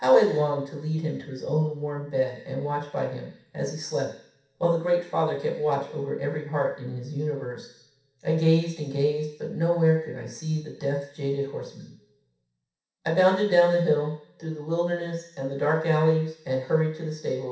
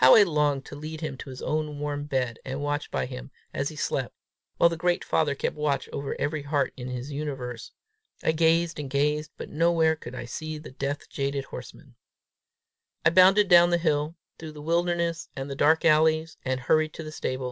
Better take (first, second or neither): second